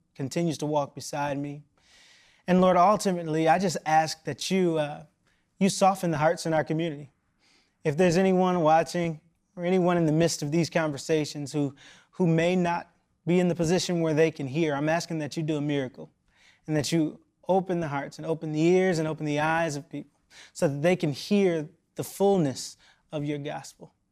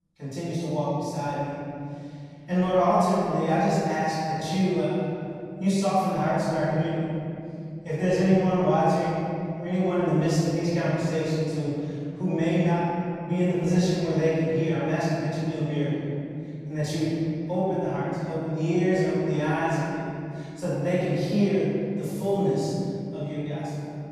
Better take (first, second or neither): first